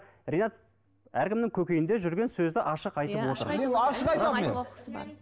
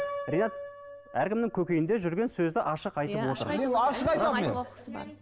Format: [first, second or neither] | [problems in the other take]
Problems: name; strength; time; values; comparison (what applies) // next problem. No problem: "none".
first | background sound (Piano); 14 dB below the speech